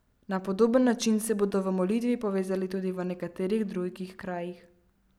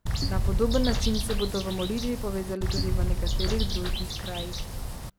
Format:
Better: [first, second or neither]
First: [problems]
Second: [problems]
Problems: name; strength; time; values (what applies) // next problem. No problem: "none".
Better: first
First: none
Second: background sound (Bird); 4 dB above the speech